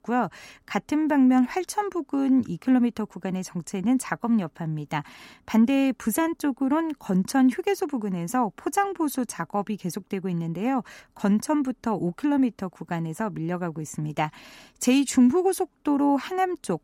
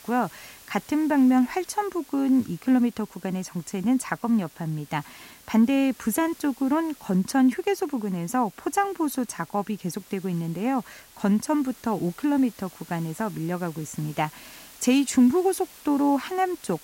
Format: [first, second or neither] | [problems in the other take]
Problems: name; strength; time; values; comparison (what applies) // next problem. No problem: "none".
first | hiss; faint; throughout; 20 dB below the speech